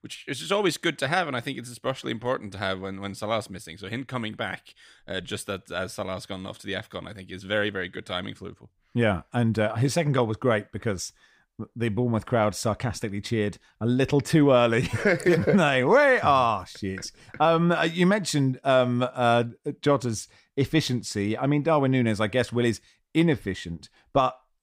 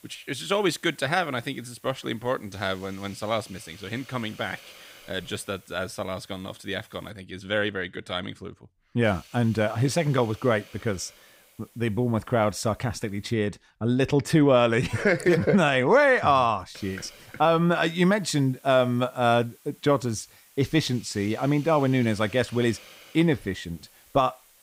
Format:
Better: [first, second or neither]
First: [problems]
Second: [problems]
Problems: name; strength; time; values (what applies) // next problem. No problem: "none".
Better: first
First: none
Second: hiss; faint; until 7 s, from 9 to 13 s and from 17 s on; 25 dB below the speech